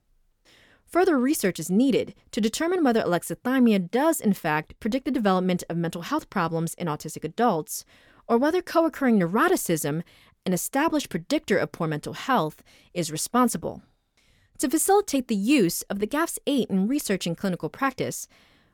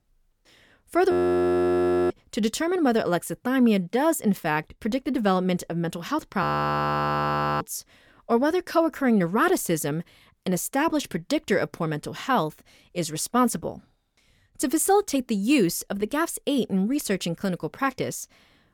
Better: first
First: none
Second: audio freezing; at 1 s for 1 s and at 6.5 s for 1 s

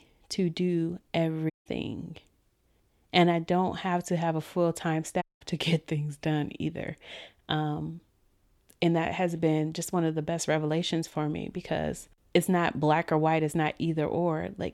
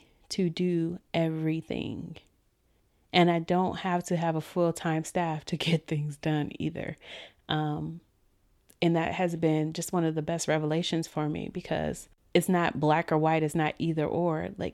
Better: second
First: audio cutting out; at 1.5 s and at 5 s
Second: none

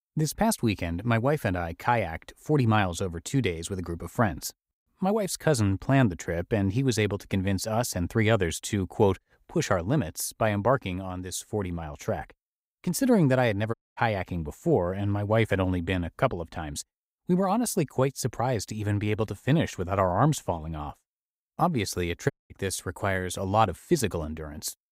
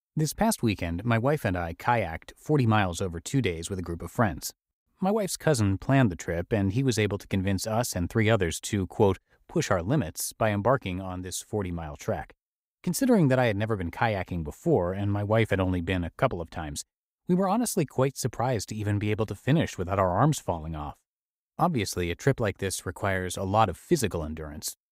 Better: second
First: audio cutting out; at 14 s and at 22 s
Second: none

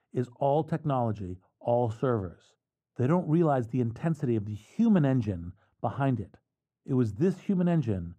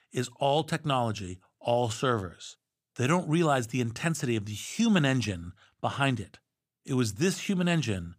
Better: second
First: muffled; very; fading above 1.5 kHz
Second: none

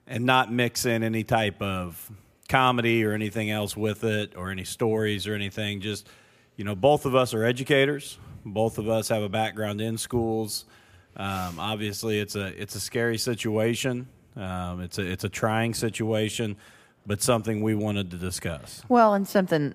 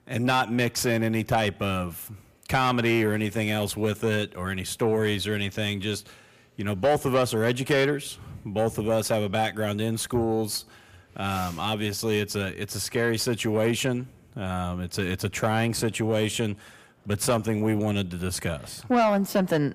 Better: first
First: none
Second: distortion; slight; 10 dB below the speech

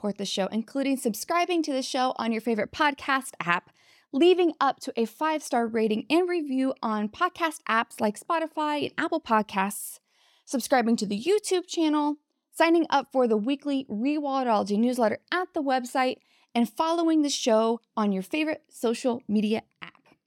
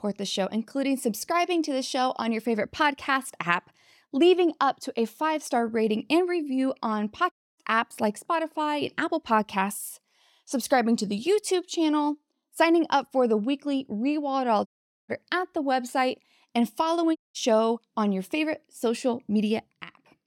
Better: first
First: none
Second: audio cutting out; at 7.5 s, at 15 s and at 17 s

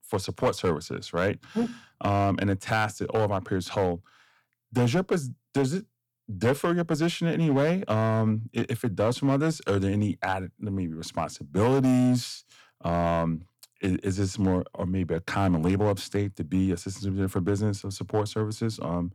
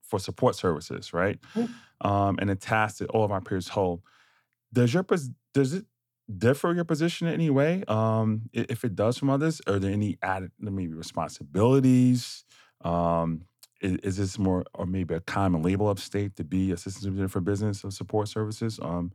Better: second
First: distortion; slight; 4% of the sound clipped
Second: none

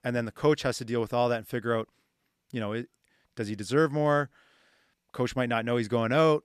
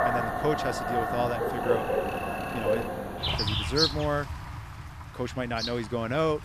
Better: first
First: none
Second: animal sounds; very loud; throughout; 2 dB above the speech

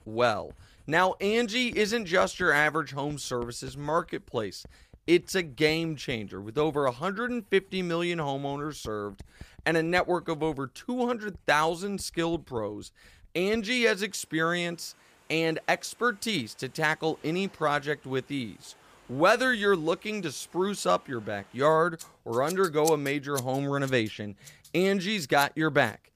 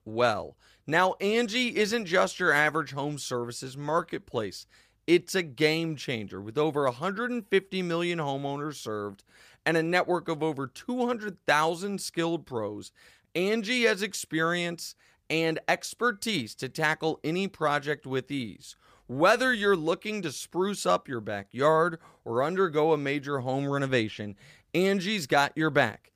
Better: second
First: household noises; faint; throughout; 20 dB below the speech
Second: none

